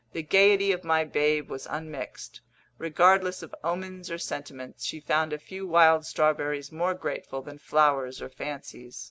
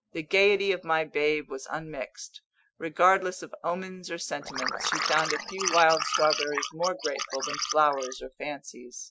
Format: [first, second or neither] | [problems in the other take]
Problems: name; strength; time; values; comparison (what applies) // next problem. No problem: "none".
first | noise reduction (classical method Wiener filter)